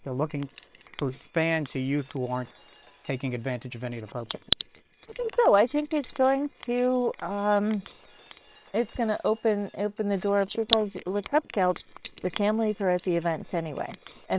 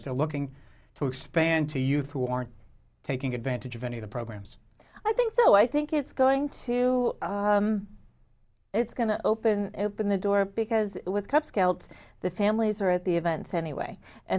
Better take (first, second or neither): second